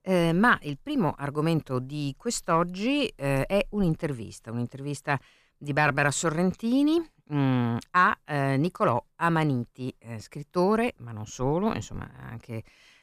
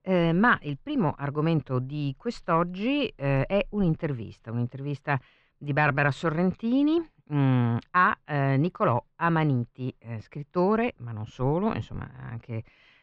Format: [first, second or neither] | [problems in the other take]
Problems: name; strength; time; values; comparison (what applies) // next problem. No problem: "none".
first | muffled; slightly; fading above 3.5 kHz